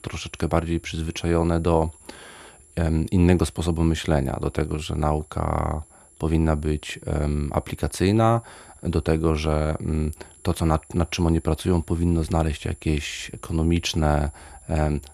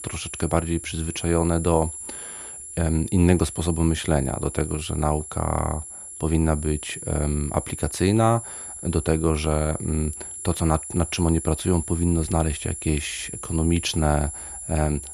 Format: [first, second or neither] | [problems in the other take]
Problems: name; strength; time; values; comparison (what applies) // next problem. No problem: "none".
first | high-pitched whine; loud; throughout; 10.5 kHz, 9 dB below the speech; faint in the first